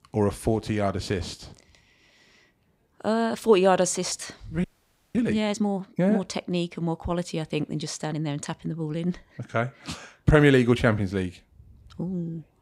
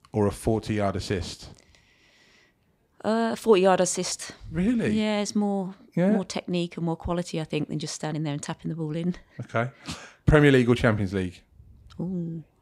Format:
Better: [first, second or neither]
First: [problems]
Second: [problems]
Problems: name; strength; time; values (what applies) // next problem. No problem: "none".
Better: second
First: audio freezing; at 4.5 s for 0.5 s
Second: none